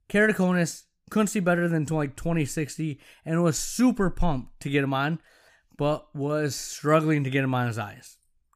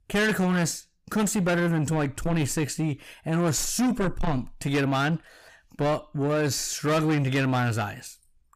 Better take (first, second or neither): first